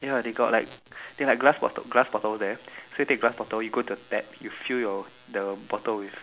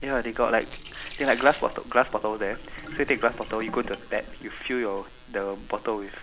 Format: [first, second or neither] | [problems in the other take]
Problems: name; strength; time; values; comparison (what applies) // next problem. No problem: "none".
first | background sound (Sink (filling or washing)); 14 dB below the speech